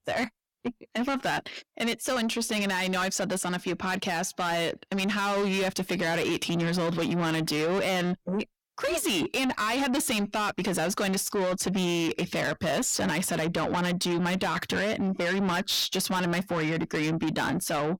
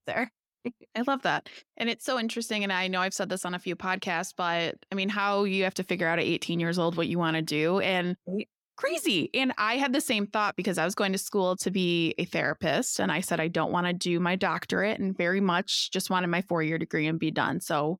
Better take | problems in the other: second | distortion; heavy; 7 dB below the speech

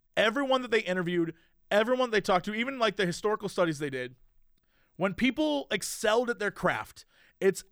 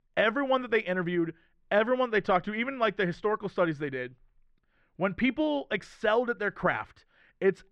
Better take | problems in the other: first | muffled; very; fading above 2 kHz

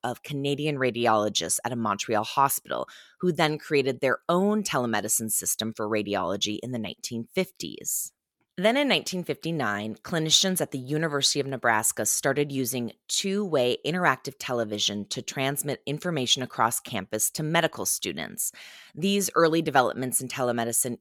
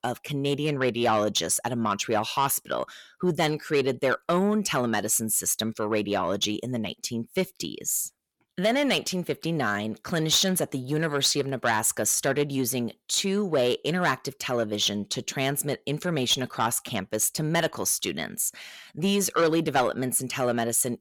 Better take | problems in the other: first | distortion; slight; 10 dB below the speech

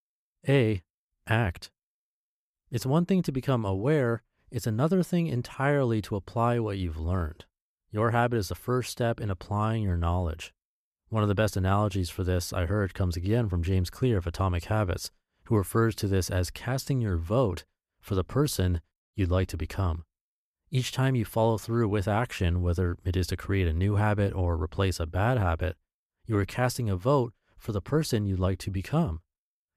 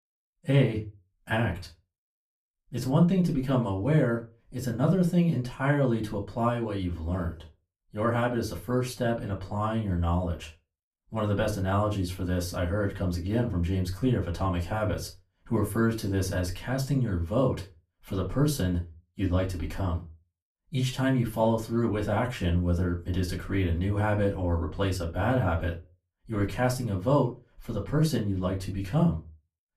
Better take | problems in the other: first | off-mic speech; far // room echo; very slight; dies away in 0.2 s

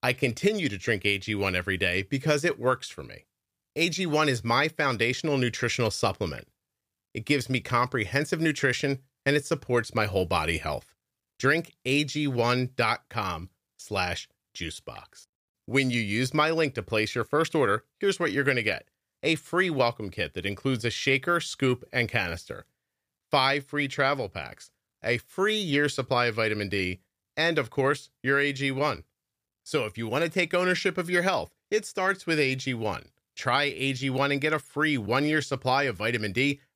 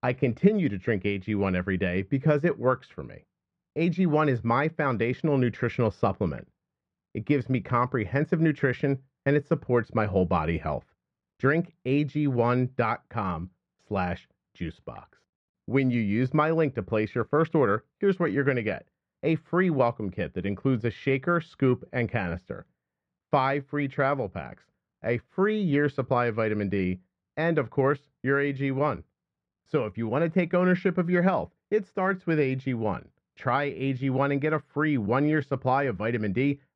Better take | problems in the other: first | muffled; very; fading above 1.5 kHz

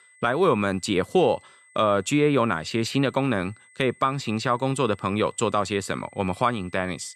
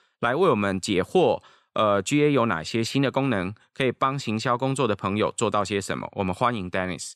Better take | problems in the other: second | high-pitched whine; faint; throughout; 2 kHz, 30 dB below the speech

